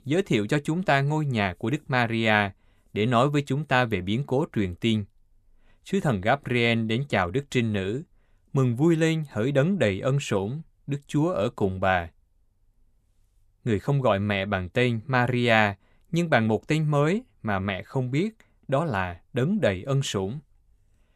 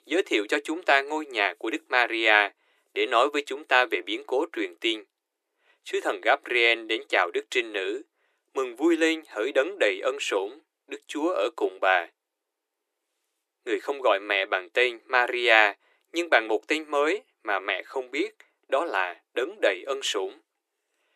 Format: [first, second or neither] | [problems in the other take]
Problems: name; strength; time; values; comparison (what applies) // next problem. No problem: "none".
first | thin; very; fading below 300 Hz